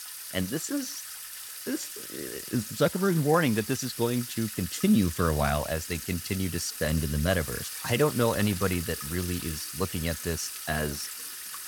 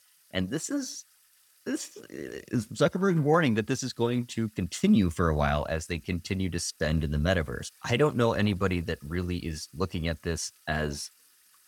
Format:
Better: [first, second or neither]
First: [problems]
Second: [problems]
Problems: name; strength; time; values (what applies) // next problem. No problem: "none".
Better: second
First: household noises; loud; throughout; 7 dB below the speech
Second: household noises; faint; throughout; 30 dB below the speech